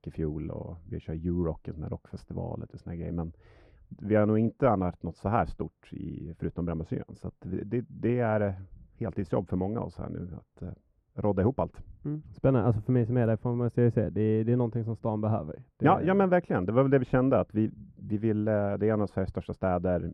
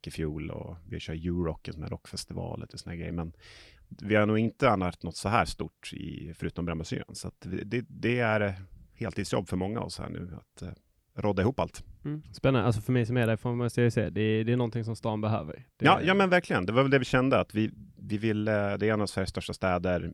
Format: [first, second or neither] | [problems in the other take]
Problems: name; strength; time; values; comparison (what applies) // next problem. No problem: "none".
second | muffled; very; fading above 2 kHz